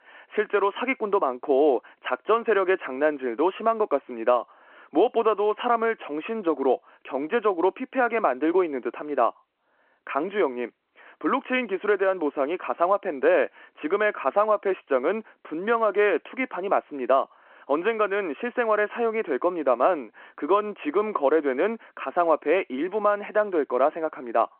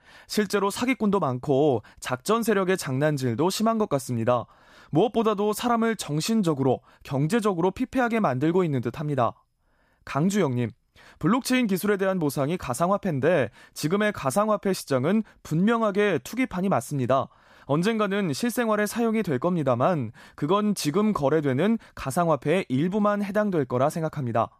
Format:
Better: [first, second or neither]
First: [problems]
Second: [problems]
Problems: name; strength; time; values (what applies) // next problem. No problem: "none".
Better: second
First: phone-call audio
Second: none